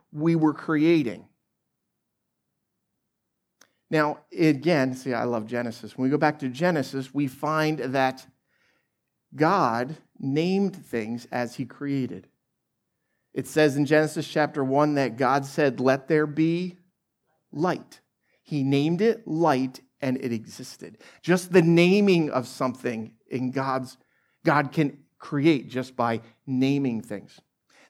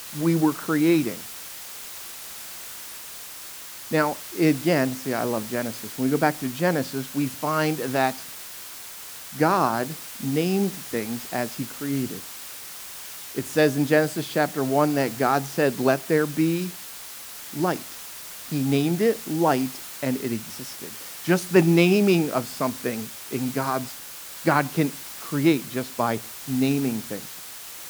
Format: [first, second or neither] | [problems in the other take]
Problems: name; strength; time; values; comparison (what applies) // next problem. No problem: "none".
first | hiss; noticeable; throughout; 10 dB below the speech